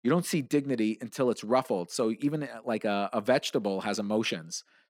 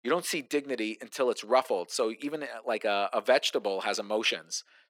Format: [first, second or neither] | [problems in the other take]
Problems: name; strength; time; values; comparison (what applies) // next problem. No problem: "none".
first | thin; somewhat; fading below 500 Hz